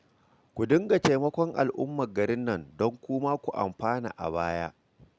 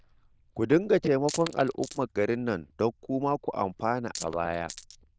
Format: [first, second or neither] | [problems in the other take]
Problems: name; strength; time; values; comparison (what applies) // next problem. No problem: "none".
first | noise reduction (neural diffusion model UNIVERSE++)